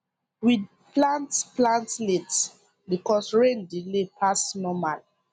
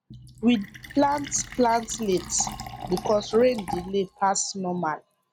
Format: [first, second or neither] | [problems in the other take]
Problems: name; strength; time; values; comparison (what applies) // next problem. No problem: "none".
first | background sound (Fill (with liquid)); 14 dB below the speech